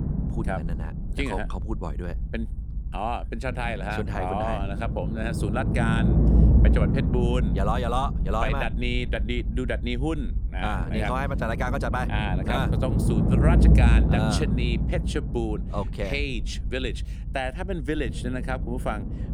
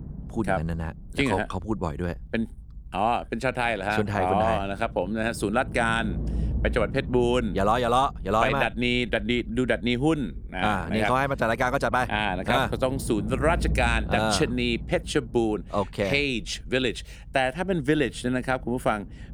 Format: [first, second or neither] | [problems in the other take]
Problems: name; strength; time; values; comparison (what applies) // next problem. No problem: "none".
second | low rumble; loud; throughout; 6 dB below the speech; faint in the second